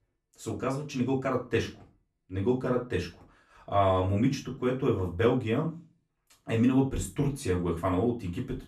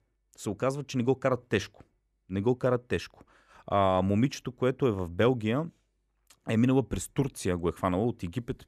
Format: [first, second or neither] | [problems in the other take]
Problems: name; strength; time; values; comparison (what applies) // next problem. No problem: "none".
second | off-mic speech; far // room echo; very slight; dies away in 0.3 s